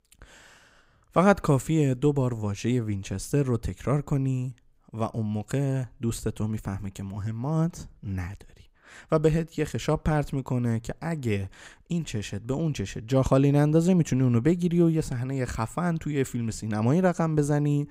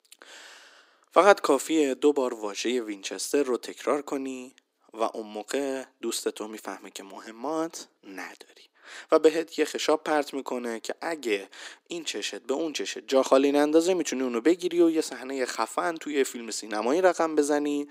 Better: first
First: none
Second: thin; somewhat; fading below 300 Hz

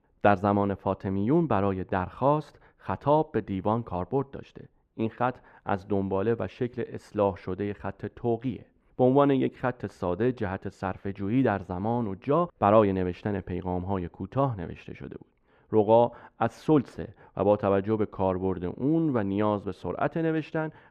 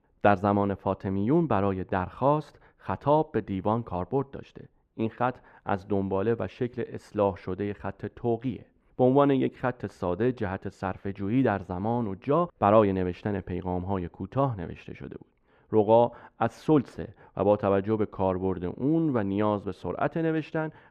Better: neither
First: muffled; very; fading above 3.5 kHz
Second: muffled; very; fading above 3.5 kHz

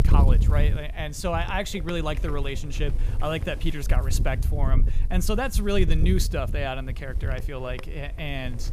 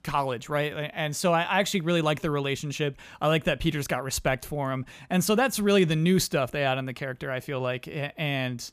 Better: second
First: wind noise on the microphone; occasional gusts; 10 dB below the speech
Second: none

